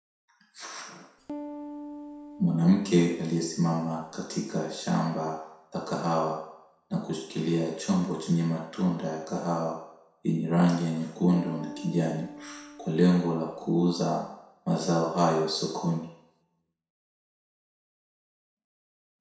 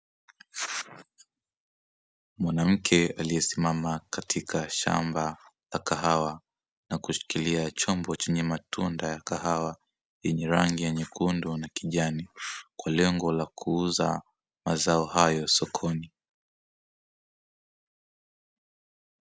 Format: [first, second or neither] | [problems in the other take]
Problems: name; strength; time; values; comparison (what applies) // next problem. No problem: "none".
second | background sound (Piano); 14 dB below the speech // room echo; dies away in 0.7 s